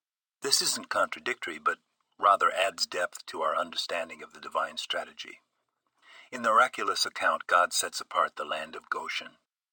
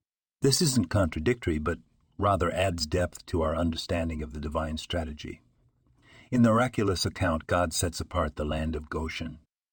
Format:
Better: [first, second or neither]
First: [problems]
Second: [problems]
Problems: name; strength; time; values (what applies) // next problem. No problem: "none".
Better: second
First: thin; very; fading below 750 Hz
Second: none